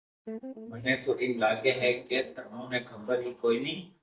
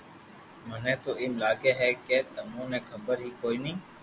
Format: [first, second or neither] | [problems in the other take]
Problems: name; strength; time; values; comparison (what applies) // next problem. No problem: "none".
second | noise reduction (neural mask model DeepFilterNet 3)